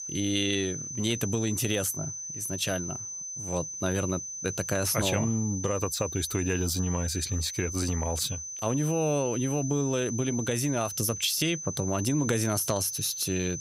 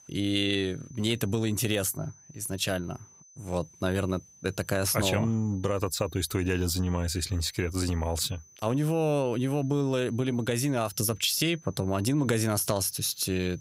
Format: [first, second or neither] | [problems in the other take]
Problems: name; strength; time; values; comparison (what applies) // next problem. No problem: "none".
second | high-pitched whine; loud; throughout; 6 kHz, 6 dB below the speech; faint in the second